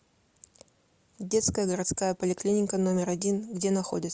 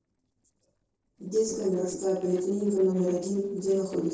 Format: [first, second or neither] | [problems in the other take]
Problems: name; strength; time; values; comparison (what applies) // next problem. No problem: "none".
first | noise reduction (neural separator model SepFormer DNS4)